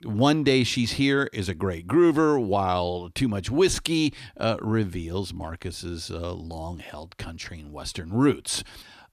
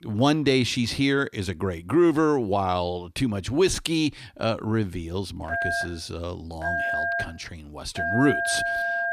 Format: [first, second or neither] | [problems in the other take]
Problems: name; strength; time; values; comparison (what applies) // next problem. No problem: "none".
first | phone ringing; loud; from 5.5 s on; peak level with the speech